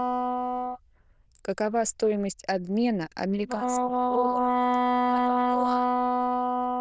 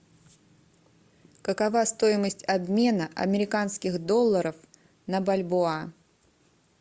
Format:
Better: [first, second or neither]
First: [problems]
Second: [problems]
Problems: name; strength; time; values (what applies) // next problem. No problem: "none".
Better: second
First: noise reduction (neural diffusion model UNIVERSE++)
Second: none